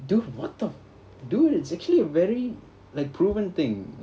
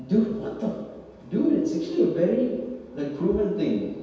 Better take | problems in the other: first | room echo; dies away in 1.2 s

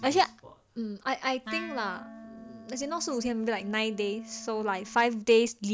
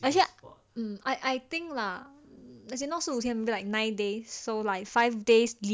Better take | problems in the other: second | background sound (Wind instrument, woodwind instrument); 17 dB below the speech

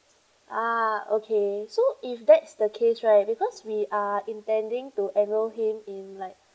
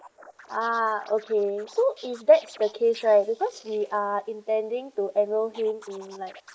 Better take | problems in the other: first | noise reduction (neural mask model Resemble Enhance denoiser)

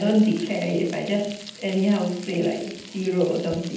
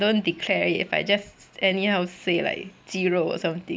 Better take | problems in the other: second | background sound (Frying (food)); 19 dB below the speech // room echo; dies away in 0.8 s

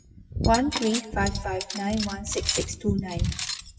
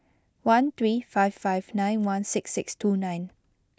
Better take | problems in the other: second | noise reduction (classical method WPE with log-MMSE)

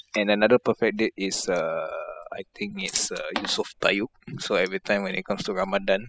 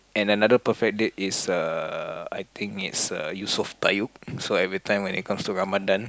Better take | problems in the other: second | noise reduction (classical method spectral subtraction)

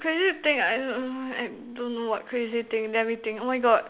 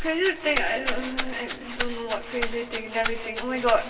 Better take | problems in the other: first | background sound (Rattle (instrument)); 4 dB below the speech // room echo; dies away in 3 s

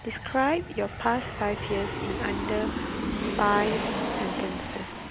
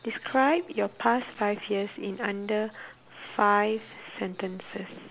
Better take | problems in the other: second | background sound (Aircraft); 2 dB below the speech

